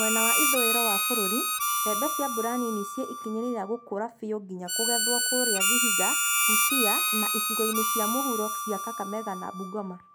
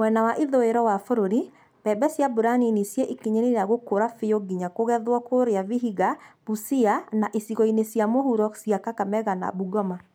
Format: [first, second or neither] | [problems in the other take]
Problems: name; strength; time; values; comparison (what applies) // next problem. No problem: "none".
second | background sound (Harmonica); 4 dB above the speech